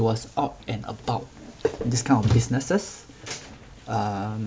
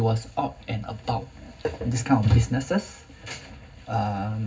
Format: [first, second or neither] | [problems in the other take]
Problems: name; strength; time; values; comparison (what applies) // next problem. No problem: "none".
first | room echo; dies away in 0.4 s